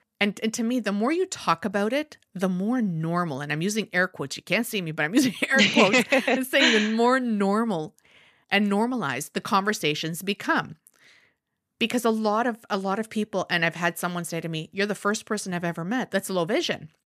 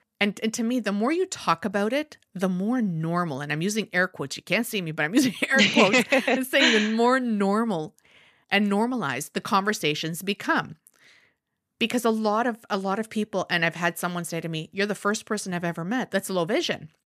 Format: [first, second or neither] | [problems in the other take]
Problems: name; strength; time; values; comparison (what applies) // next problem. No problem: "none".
neither | none